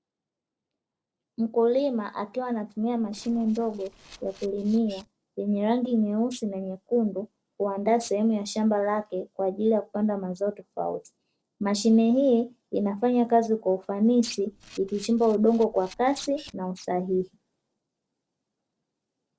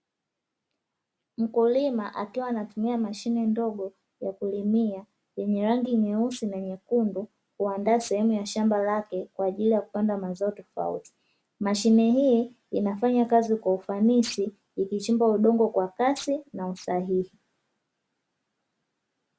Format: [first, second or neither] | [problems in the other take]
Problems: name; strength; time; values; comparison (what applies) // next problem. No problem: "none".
second | noise reduction (neural separator model SepFormer DNS4)